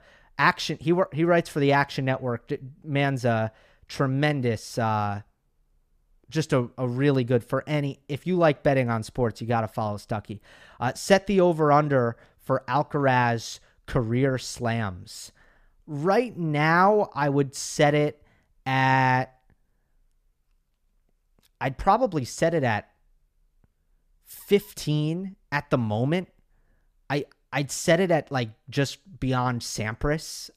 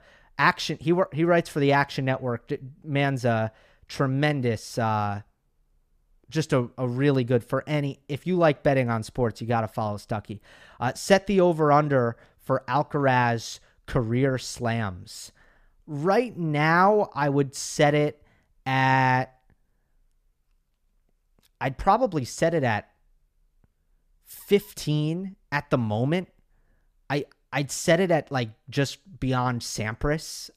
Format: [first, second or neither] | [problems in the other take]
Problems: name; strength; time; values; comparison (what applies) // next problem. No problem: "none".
neither | none